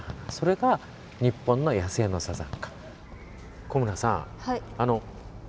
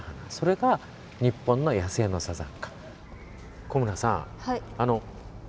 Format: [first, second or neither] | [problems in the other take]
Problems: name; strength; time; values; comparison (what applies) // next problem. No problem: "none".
second | background sound (Fireworks); 18 dB below the speech